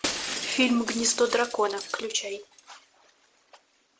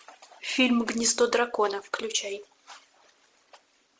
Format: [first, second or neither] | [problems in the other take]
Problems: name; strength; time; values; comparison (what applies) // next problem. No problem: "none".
second | background sound (Shatter); 9 dB below the speech